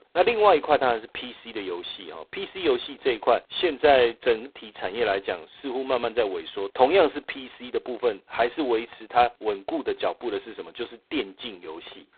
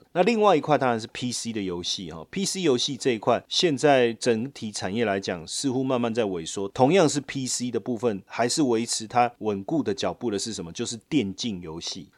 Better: second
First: phone-call audio; poor line; nothing above 4 kHz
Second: none

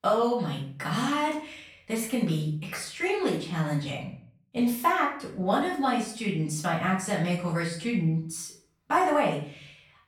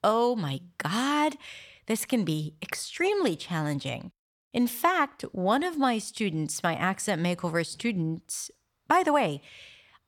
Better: second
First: off-mic speech; far // room echo; noticeable; dies away in 0.4 s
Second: none

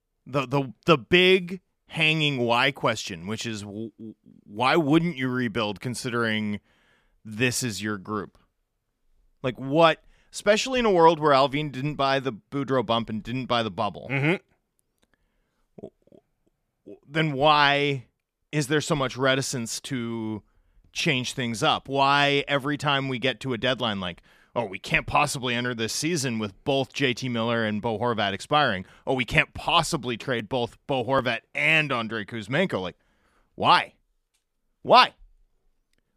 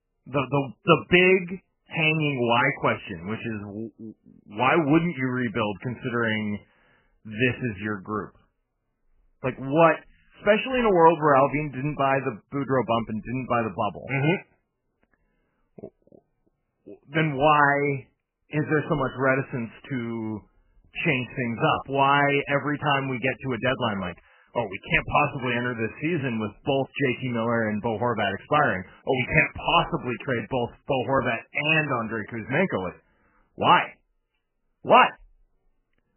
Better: first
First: none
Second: garbled, watery; badly; nothing above 3 kHz

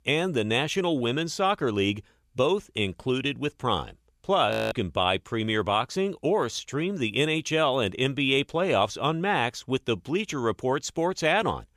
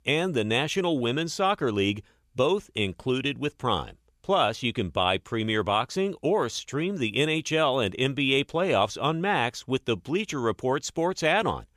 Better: second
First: audio freezing; at 4.5 s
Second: none

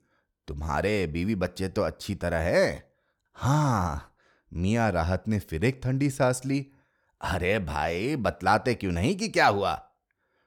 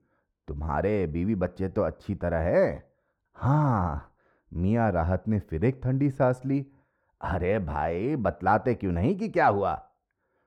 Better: first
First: none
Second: muffled; very; fading above 2.5 kHz

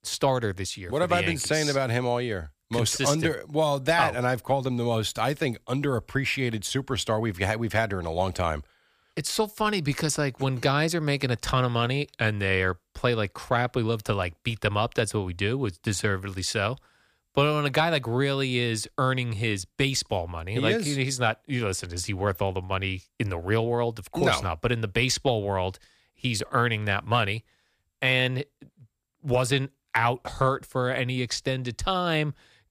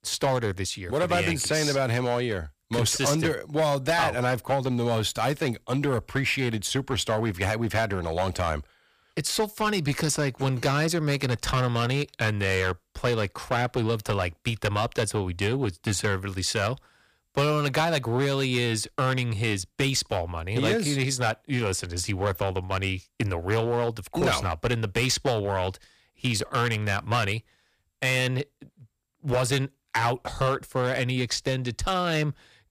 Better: first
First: none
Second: distortion; slight; 6% of the sound clipped

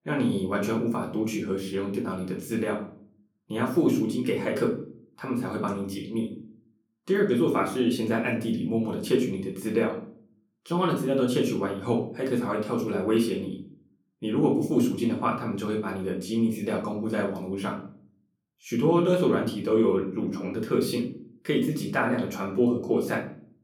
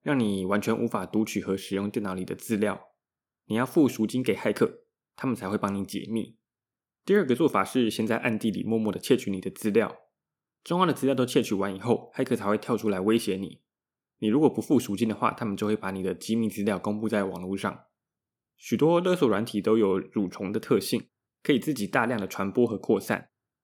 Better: second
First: off-mic speech; far // room echo; slight; dies away in 0.5 s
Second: none

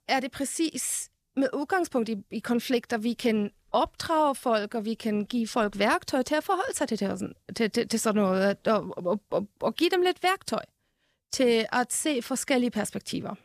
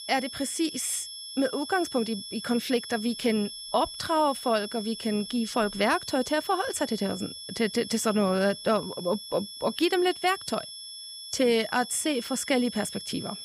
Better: first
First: none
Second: high-pitched whine; loud; throughout; 5.5 kHz, 10 dB below the speech

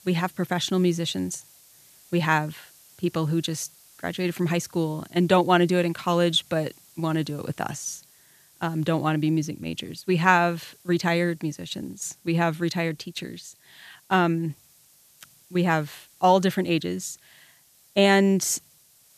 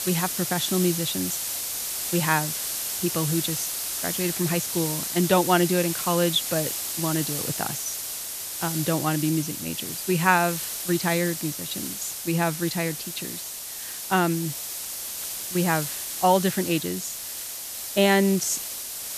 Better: first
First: hiss; faint; throughout; 30 dB below the speech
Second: hiss; loud; throughout; 3 dB below the speech

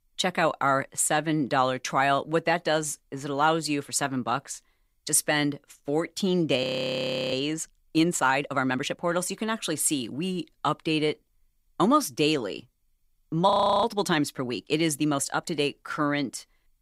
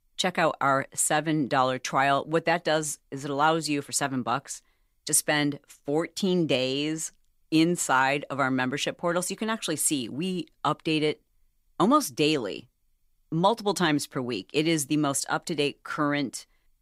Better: second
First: audio freezing; at 6.5 s for 0.5 s and at 14 s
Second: none

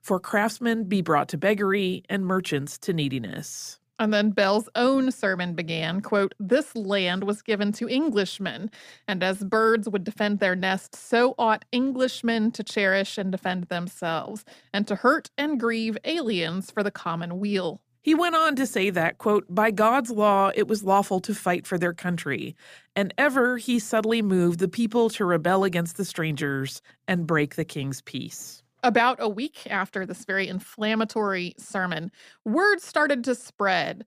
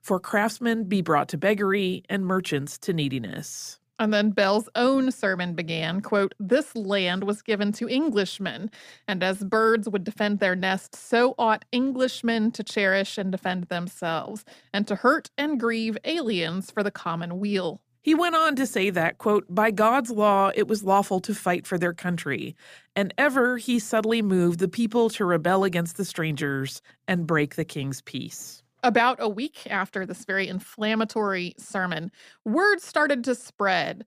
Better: neither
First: none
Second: none

